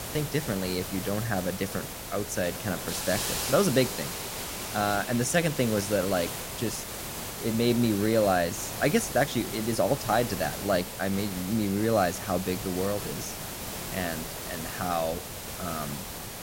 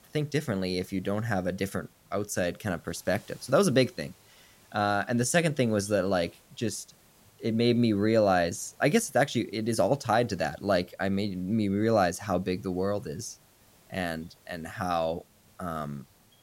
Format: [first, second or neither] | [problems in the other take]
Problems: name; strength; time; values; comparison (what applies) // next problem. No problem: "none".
second | hiss; loud; throughout; 6 dB below the speech; faint in the second